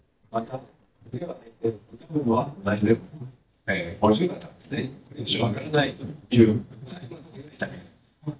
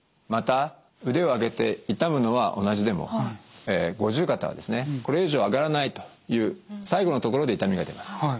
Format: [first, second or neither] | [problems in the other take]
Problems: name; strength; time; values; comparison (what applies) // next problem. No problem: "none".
second | noise reduction (neural mask model DeepFilterNet 3)